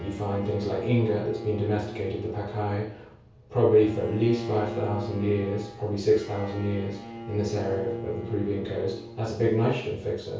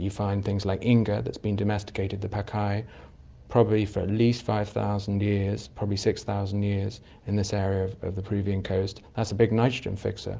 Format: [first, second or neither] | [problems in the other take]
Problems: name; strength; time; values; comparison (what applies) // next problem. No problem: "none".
second | background sound (Bowed string instrument); 12 dB below the speech // room echo; dies away in 0.6 s